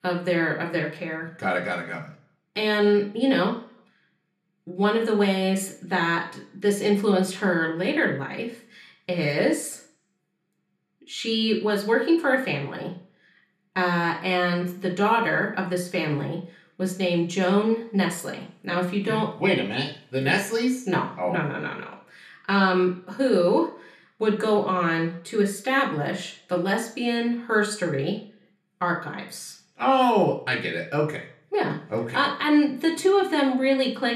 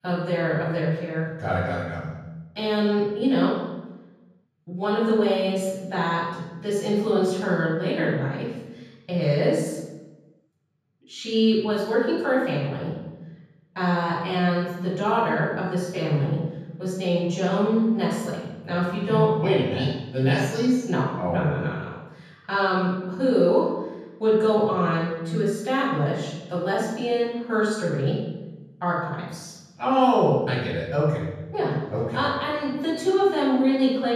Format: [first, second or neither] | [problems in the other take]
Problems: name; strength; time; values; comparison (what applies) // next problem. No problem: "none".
first | room echo; strong; dies away in 1.3 s; slight in the first // off-mic speech; far; far in the first